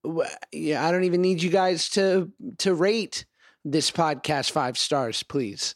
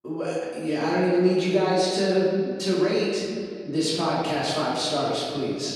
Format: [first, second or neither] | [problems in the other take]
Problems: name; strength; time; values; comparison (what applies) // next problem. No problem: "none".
first | room echo; strong; dies away in 1.9 s // off-mic speech; far